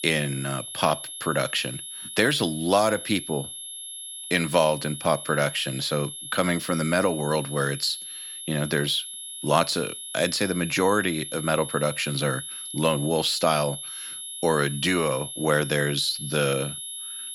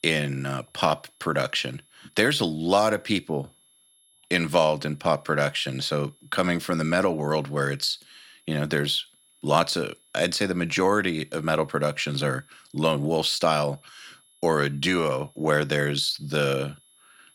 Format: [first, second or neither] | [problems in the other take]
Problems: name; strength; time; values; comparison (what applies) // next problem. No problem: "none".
second | high-pitched whine; loud; throughout; 11 kHz, 9 dB below the speech; faint in the second